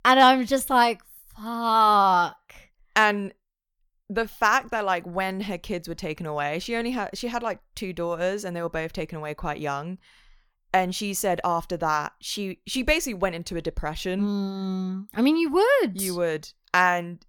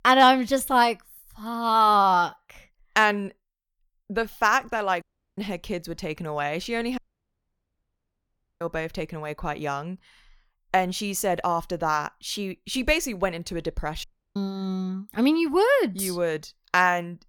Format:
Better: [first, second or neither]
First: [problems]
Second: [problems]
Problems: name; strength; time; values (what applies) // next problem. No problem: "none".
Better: first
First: none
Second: audio cutting out; at 5 s, at 7 s for 1.5 s and at 14 s